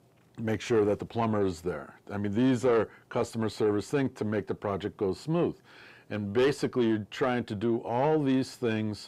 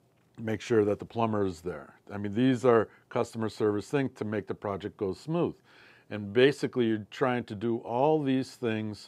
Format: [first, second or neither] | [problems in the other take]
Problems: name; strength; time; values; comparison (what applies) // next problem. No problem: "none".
second | distortion; slight; 10 dB below the speech